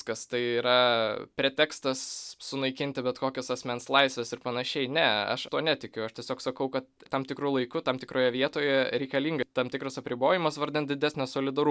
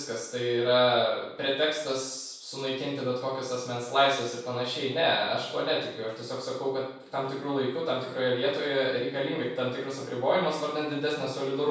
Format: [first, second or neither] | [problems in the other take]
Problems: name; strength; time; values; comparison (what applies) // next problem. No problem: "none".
first | room echo; dies away in 0.6 s